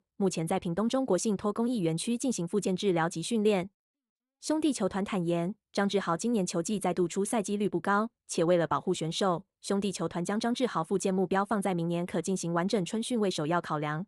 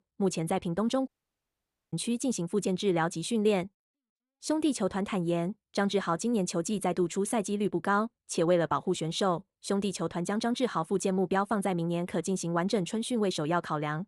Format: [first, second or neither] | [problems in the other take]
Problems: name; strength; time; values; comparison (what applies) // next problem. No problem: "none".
first | audio cutting out; at 1 s for 1 s